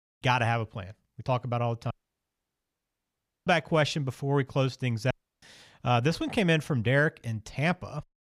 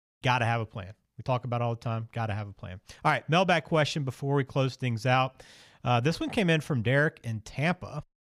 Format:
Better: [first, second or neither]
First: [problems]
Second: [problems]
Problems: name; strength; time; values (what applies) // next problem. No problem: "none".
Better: second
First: audio cutting out; at 2 s for 1.5 s and at 5 s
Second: none